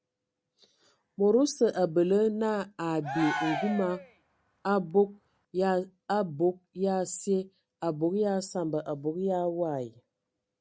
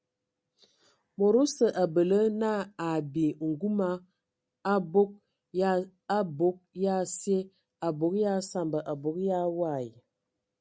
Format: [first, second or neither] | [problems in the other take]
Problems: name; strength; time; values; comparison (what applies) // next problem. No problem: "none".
second | background sound (Cheering); 8 dB below the speech